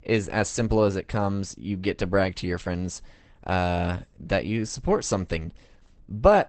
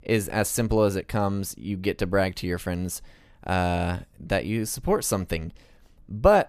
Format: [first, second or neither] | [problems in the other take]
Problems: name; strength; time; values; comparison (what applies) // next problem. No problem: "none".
second | garbled, watery; badly; nothing above 8 kHz